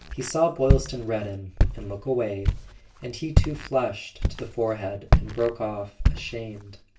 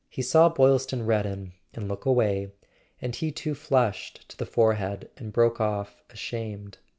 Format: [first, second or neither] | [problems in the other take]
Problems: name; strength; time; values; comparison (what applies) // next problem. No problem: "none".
second | background sound (Walk, footsteps); 3 dB above the speech // room echo; dies away in 0.2 s